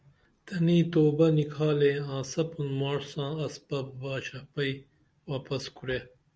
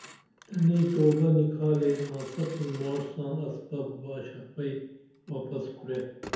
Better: first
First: none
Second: background sound (Telephone); 20 dB below the speech // room echo; dies away in 0.9 s

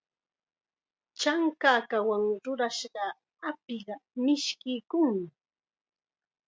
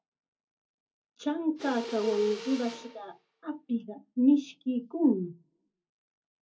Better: first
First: none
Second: background sound (Mechanisms); 12 dB below the speech // room echo; dies away in 0.3 s

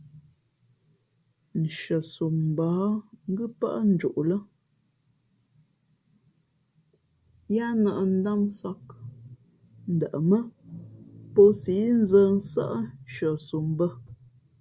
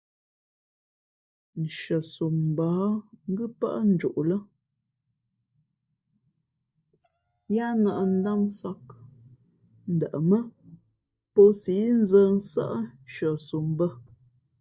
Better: first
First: none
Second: noise reduction (neural mask model DeepFilterNet 3)

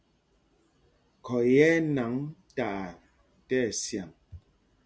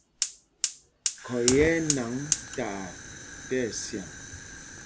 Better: first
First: none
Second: background sound (Fire); 3 dB below the speech

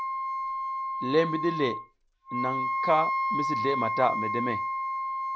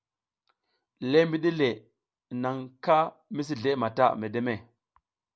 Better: second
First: background sound (Wind instrument, woodwind instrument); 1 dB above the speech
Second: none

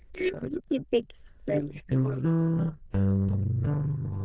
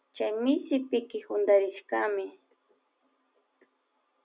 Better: second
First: noise reduction (neural diffusion model UNIVERSE++)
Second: none

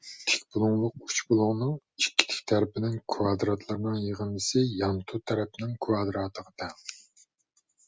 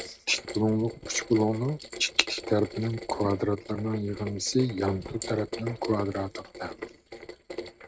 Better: first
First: none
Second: noise reduction (neural mask model RNNoise)

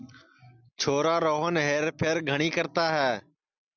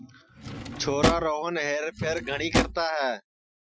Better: first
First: none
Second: noise reduction (classical method Wiener filter)

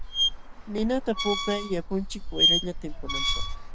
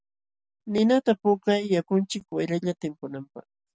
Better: second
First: background sound (Squeak + Traffic noise, roadway noise); 3 dB above the speech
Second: none

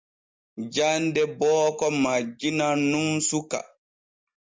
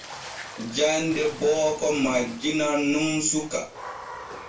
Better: first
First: none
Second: background sound (Water / Splash, splatter); 15 dB below the speech // room echo; dies away in 0.3 s

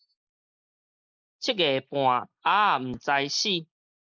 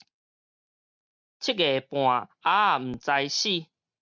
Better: second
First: noise reduction (neural mask model Resemble Enhance denoiser)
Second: none

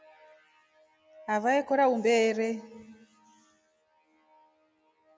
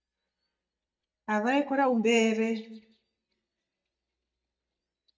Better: first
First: none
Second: noise reduction (neural mask model DeepFilterNet 3)

